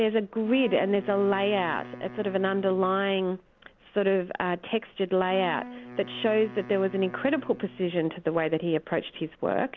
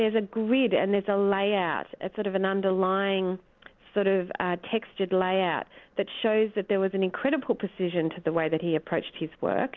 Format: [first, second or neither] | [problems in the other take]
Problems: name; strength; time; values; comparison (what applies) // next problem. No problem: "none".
second | background sound (Wind instrument, woodwind instrument); 16 dB below the speech